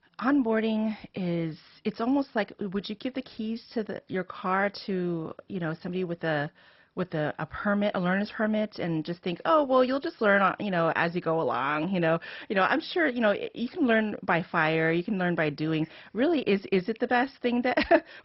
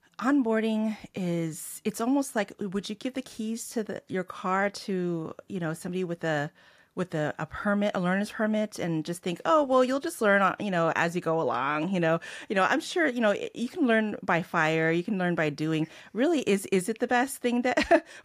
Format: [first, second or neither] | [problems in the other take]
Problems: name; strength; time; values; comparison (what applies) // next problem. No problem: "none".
second | garbled, watery; badly; nothing above 5.5 kHz